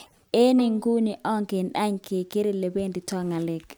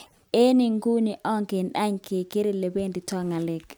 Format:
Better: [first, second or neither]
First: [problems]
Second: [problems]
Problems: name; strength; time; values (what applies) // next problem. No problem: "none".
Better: second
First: background sound (Bowed string instrument); 16 dB below the speech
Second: none